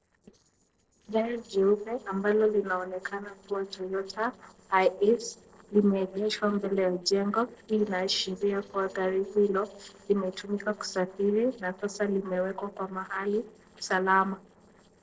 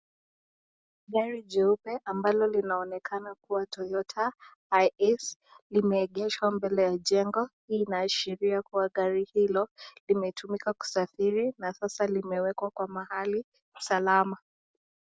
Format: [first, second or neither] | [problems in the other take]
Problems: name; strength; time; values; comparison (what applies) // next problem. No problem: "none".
second | noise reduction (neural separator model SepFormer DNS4)